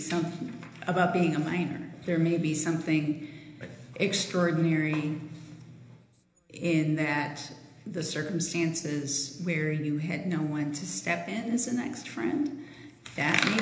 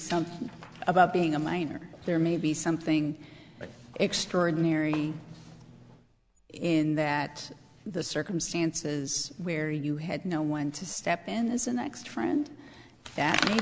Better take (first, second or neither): second